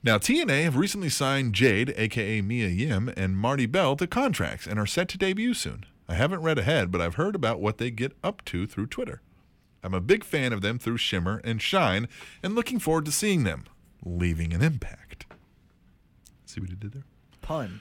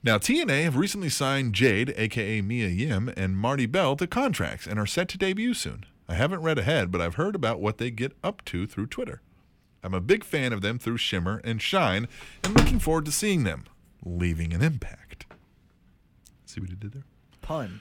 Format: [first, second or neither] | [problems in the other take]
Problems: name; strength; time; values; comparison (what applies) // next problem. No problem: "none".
first | door banging; loud; at 12 s; peak 4 dB above the speech